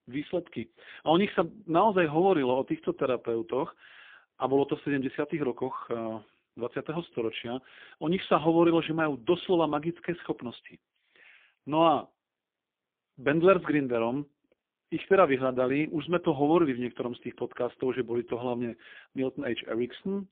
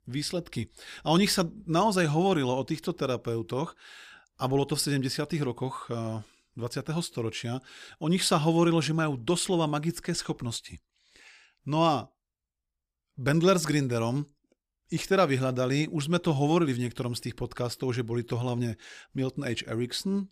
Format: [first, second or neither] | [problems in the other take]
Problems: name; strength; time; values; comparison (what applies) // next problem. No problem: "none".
second | phone-call audio; poor line